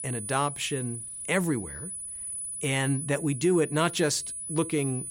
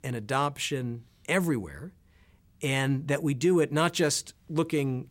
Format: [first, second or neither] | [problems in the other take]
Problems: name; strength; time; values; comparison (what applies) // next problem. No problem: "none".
second | high-pitched whine; loud; throughout; 10 kHz, 7 dB below the speech